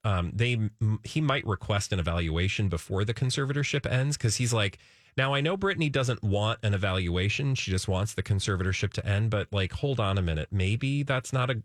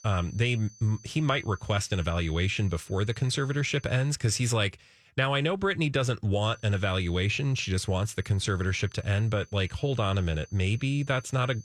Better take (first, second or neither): first